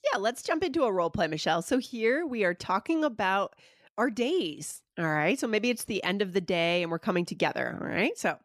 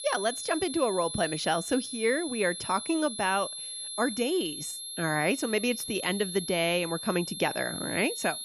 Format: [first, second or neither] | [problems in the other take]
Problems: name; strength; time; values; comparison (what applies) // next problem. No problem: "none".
first | high-pitched whine; loud; throughout; 11 kHz, 7 dB below the speech